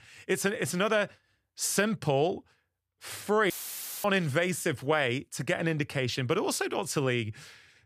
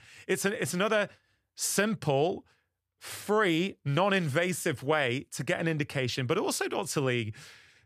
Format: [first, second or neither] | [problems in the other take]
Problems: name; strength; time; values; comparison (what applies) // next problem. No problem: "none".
second | audio cutting out; filled with static; at 3.5 s for 0.5 s